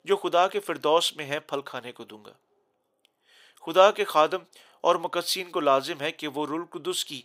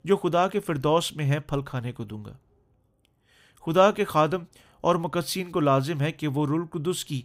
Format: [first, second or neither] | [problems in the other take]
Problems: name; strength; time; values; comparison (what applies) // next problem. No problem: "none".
second | thin; somewhat; fading below 500 Hz